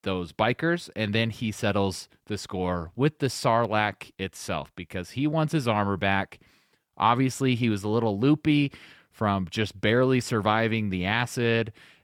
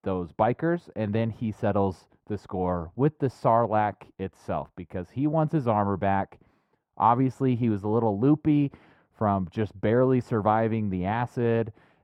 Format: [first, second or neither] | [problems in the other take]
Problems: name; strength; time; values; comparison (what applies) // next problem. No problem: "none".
first | muffled; very; fading above 2 kHz